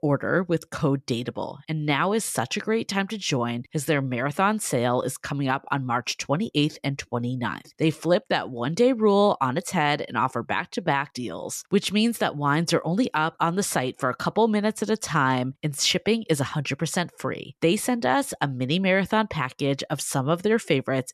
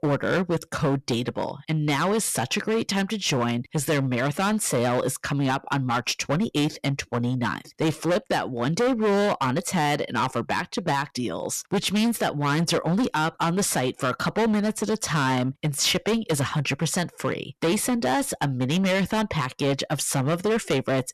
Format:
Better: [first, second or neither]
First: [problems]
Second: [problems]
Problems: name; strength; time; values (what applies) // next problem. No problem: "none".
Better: first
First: none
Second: distortion; heavy; 14% of the sound clipped